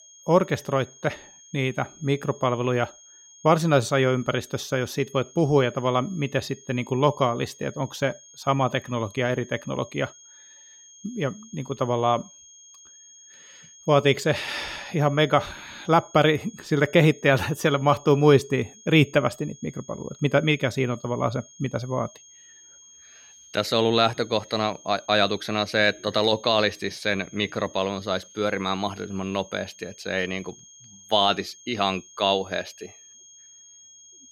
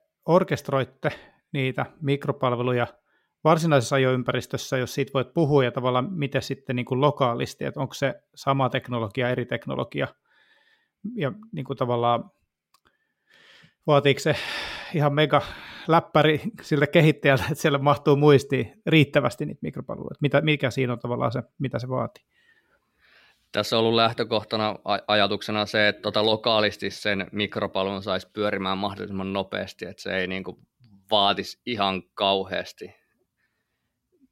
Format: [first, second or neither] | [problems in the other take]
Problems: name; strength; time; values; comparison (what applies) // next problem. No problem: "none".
second | high-pitched whine; faint; throughout; 6.5 kHz, 25 dB below the speech